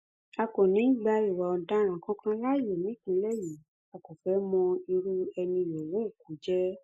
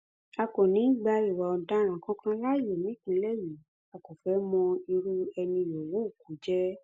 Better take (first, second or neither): second